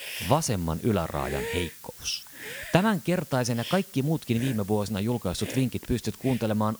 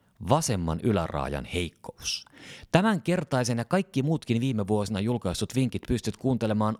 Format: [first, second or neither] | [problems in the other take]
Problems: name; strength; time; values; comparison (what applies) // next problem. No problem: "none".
second | hiss; noticeable; throughout; 10 dB below the speech